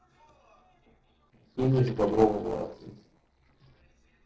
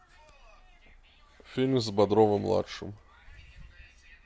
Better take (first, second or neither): second